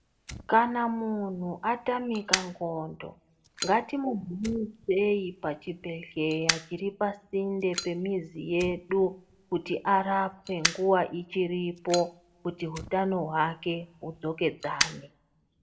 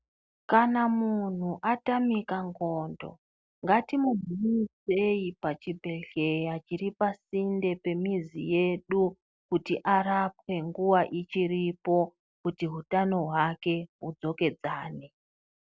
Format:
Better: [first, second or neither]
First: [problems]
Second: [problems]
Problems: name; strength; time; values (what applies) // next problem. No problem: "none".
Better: second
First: background sound (Fire); 9 dB below the speech // room echo; dies away in 0.3 s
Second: none